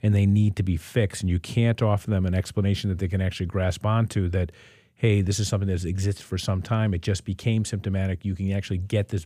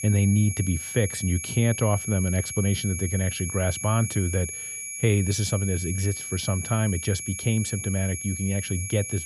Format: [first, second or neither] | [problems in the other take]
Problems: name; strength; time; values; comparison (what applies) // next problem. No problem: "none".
first | high-pitched whine; loud; throughout; 2.5 kHz, 6 dB below the speech